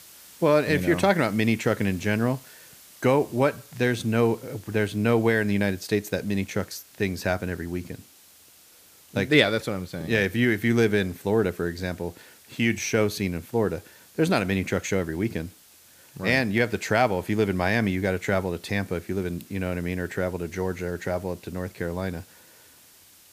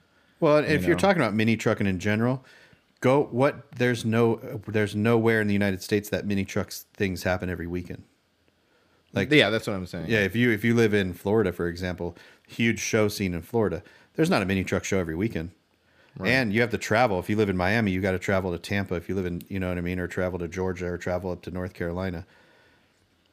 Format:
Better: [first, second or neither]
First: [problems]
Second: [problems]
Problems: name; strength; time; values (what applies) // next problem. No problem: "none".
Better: second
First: hiss; faint; throughout; 25 dB below the speech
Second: none